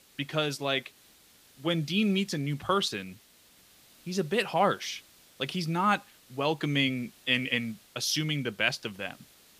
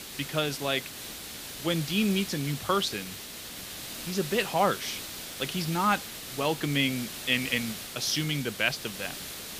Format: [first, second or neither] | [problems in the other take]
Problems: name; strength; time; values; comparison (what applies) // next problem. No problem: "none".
first | hiss; loud; throughout; 8 dB below the speech; faint in the first